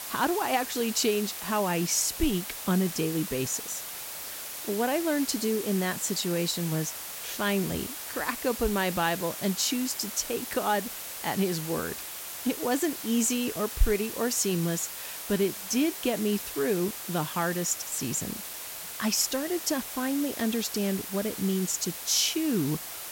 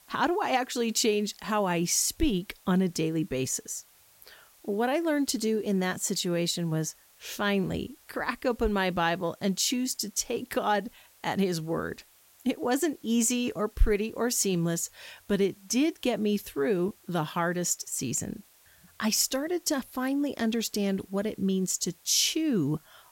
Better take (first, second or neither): second